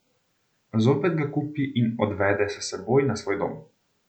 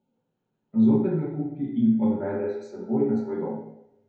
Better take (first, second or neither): first